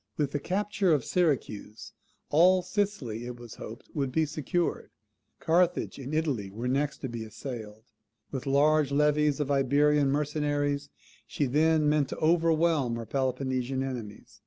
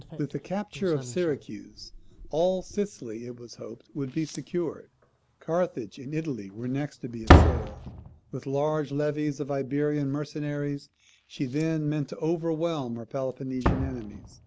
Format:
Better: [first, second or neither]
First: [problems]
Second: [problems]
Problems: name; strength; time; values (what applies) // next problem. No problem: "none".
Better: first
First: none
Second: background sound (Slam); as loud as the speech